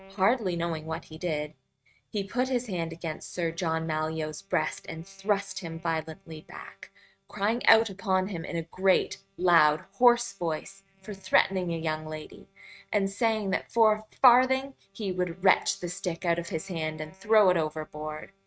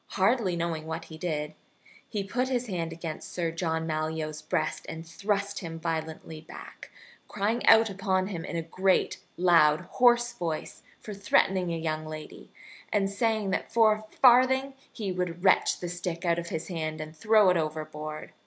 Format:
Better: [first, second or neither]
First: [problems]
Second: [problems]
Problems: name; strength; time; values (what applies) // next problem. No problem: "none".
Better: second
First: noise reduction (neural mask model RNNoise)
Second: none